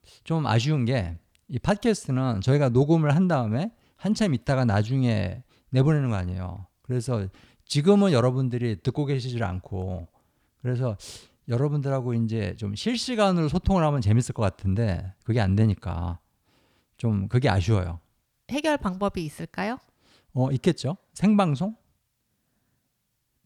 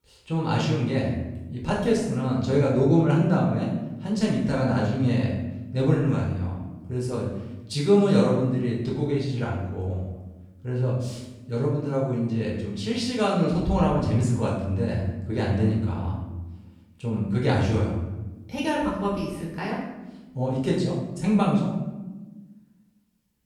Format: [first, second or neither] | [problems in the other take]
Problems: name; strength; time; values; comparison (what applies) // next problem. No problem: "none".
first | off-mic speech; far // room echo; noticeable; dies away in 0.9 s